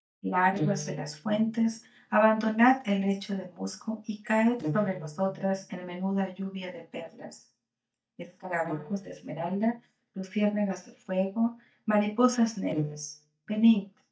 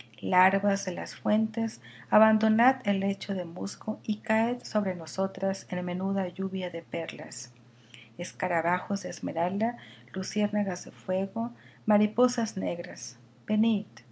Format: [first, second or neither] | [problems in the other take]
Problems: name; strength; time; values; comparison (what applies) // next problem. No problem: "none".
second | noise reduction (neural mask model DeepFilterNet 3)